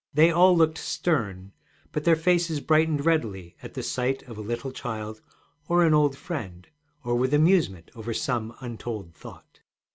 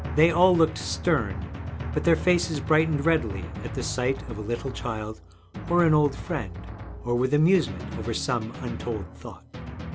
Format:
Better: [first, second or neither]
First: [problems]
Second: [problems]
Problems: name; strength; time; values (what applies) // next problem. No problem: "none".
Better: first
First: none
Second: background sound (Drum); 9 dB below the speech